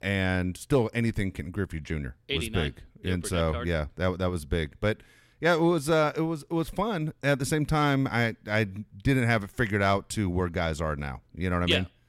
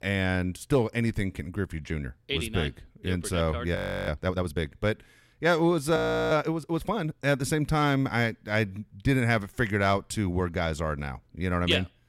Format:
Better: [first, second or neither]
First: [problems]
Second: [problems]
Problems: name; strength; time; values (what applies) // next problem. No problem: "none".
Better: first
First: none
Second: audio freezing; at 4 s and at 6 s